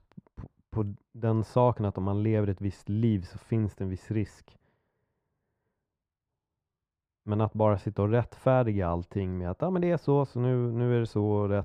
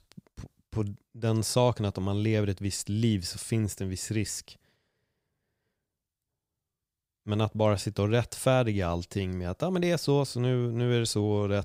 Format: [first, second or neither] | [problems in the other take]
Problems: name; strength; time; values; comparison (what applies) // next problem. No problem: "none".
second | muffled; very; fading above 3 kHz